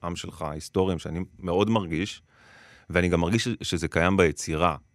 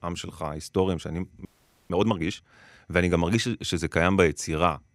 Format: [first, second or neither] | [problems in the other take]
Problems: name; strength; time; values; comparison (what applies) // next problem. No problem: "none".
first | audio freezing; at 1.5 s